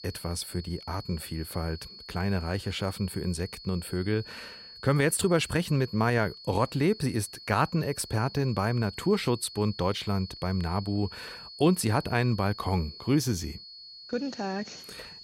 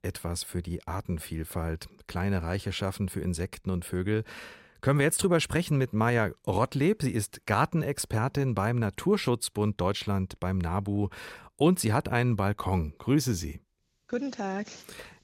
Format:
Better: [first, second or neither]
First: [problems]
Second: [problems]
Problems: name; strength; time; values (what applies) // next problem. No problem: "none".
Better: second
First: high-pitched whine; noticeable; throughout; 4.5 kHz, 15 dB below the speech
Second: none